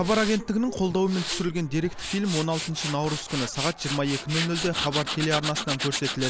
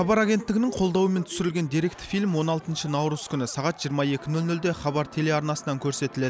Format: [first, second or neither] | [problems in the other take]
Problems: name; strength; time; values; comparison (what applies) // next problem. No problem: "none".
second | background sound (Tools); 6 dB below the speech